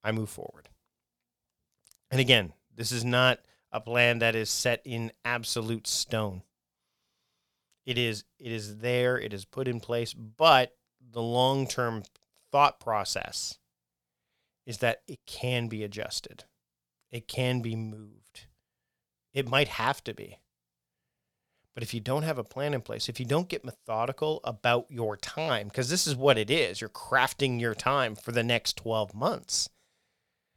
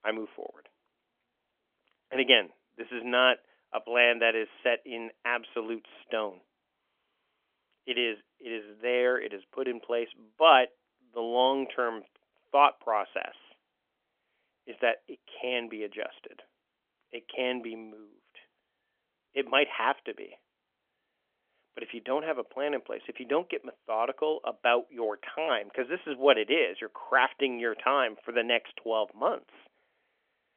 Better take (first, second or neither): first